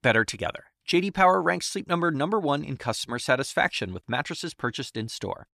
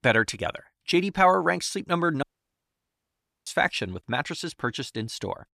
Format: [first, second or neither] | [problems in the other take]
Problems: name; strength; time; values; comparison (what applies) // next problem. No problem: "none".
first | audio cutting out; at 2 s for 1 s